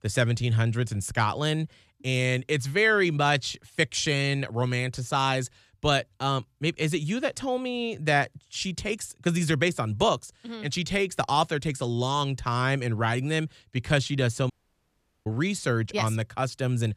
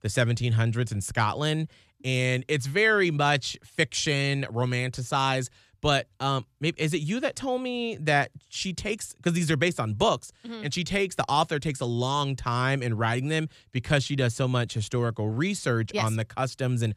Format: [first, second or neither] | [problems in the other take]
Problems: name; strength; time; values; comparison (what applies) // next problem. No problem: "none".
second | audio cutting out; at 15 s for 1 s